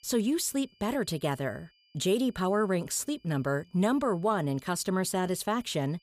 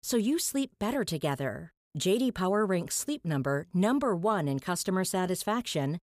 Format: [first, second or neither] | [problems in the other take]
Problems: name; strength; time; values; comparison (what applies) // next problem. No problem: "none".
second | high-pitched whine; faint; throughout; 3 kHz, 35 dB below the speech